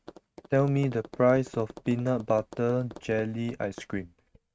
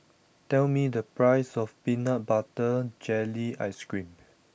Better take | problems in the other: second | noise reduction (neural mask model RNNoise)

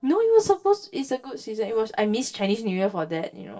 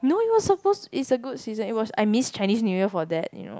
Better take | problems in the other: second | noise reduction (neural separator model SepFormer DNS4)

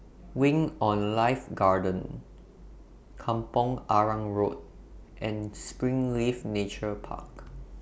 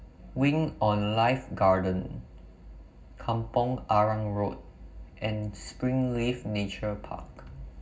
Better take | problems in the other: first | room echo; dies away in 0.4 s

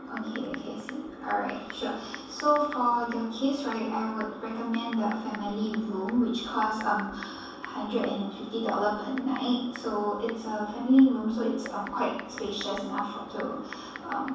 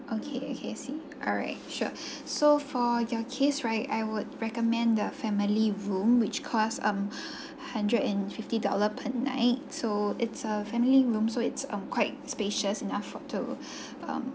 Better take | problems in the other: second | background sound (Typing); 18 dB below the speech // room echo; dies away in 0.7 s

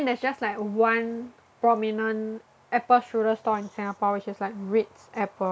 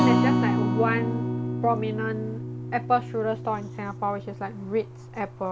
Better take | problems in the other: first | background sound (Acoustic guitar); 1 dB above the speech

